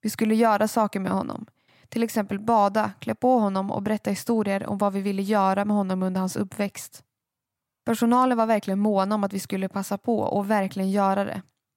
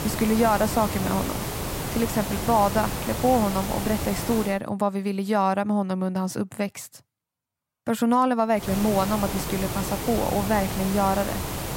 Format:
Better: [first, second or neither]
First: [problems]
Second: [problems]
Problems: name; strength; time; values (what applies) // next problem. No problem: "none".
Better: first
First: none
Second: hiss; loud; until 4.5 s and from 8.5 s on; 5 dB below the speech